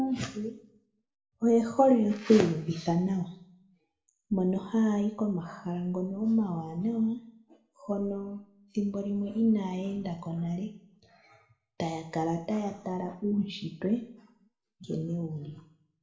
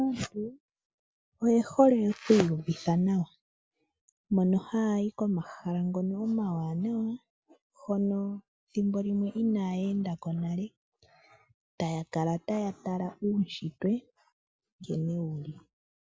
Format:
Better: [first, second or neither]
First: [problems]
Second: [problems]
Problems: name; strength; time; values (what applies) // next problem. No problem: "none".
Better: second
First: room echo; dies away in 0.5 s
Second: none